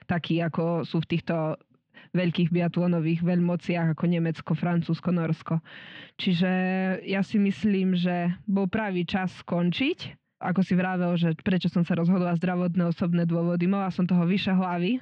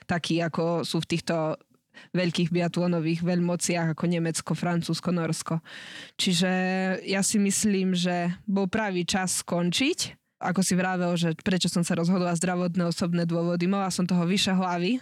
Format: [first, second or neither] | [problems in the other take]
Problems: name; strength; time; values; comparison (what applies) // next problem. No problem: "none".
second | muffled; very; fading above 3 kHz